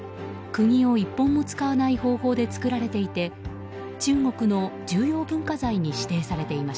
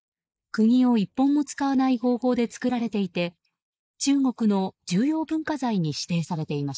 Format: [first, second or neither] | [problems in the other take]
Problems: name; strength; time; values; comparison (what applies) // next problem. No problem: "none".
first | noise reduction (neural mask model Resemble Enhance denoiser)